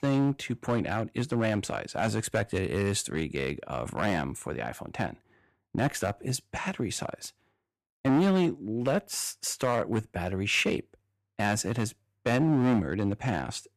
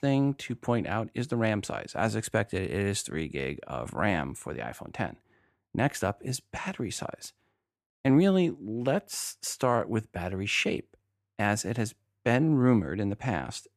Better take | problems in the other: second | distortion; slight; 4% of the sound clipped

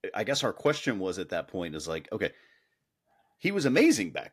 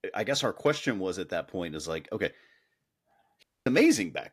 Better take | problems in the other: first | audio cutting out; at 3.5 s

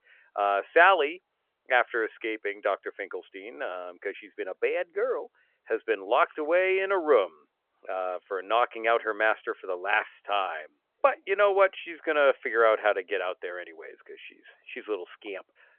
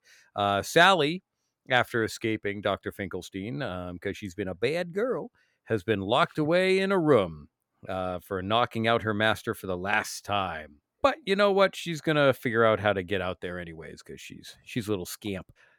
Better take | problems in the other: second | phone-call audio; nothing above 3.5 kHz

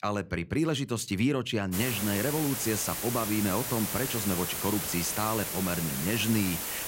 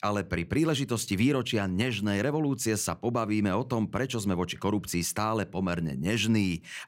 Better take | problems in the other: second | hiss; loud; from 1.5 s on; 2 dB below the speech

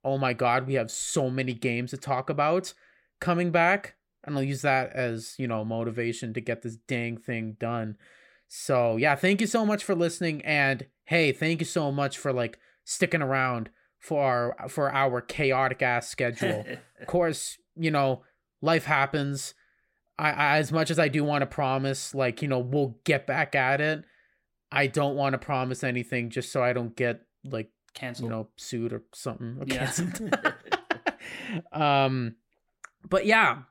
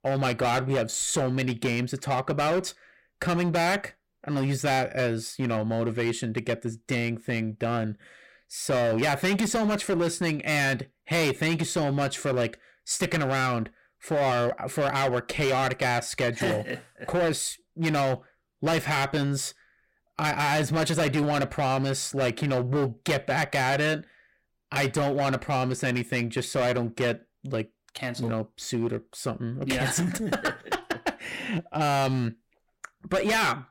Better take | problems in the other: first | distortion; heavy; 14% of the sound clipped

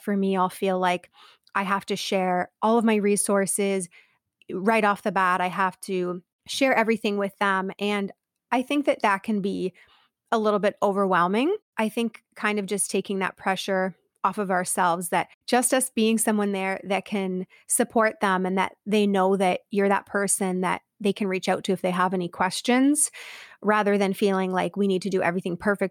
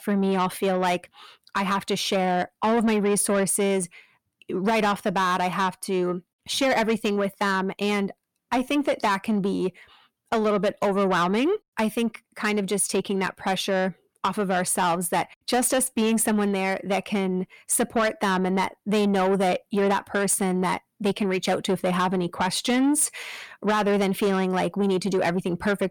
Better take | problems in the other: first | distortion; slight; 10 dB below the speech

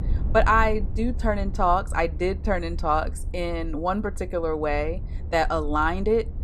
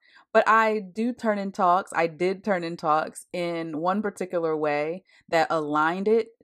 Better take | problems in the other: second | low rumble; faint; throughout; 25 dB below the speech

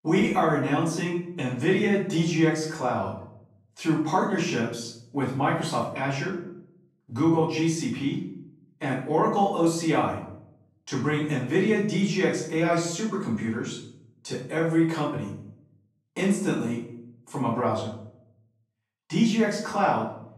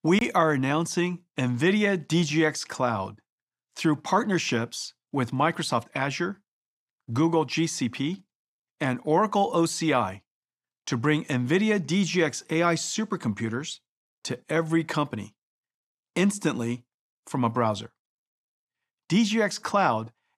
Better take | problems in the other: second | room echo; noticeable; dies away in 0.6 s // off-mic speech; far

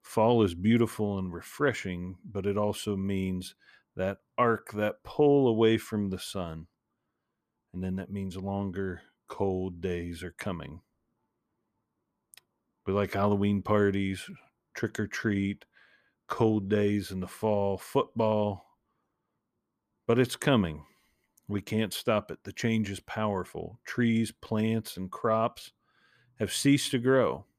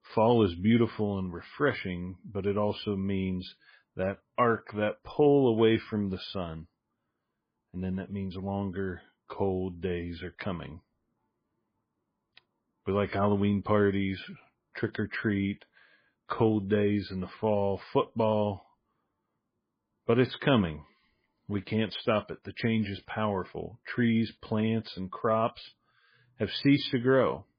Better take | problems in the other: first | garbled, watery; badly

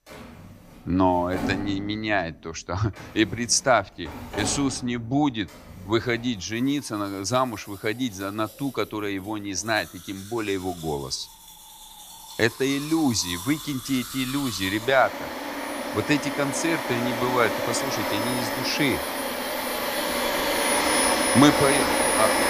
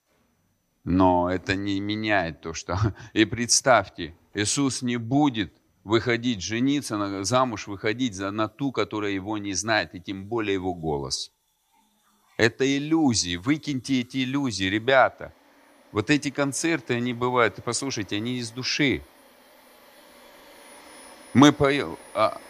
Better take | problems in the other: second | household noises; loud; throughout; 1 dB below the speech; faint in the second

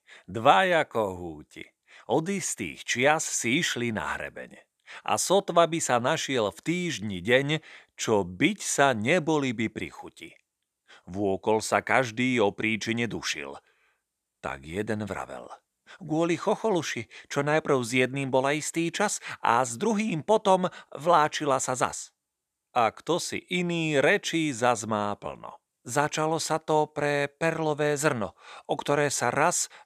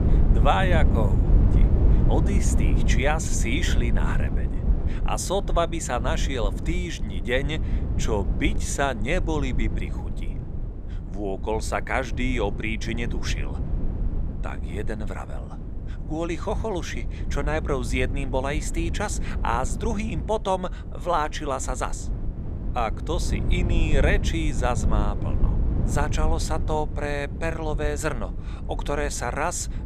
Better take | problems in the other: first | low rumble; noticeable; throughout; 10 dB below the speech

